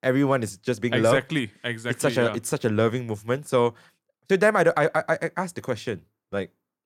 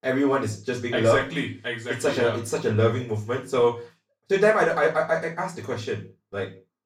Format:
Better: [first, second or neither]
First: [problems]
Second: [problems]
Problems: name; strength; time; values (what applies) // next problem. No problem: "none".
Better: first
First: none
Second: room echo; slight; dies away in 0.3 s // off-mic speech; far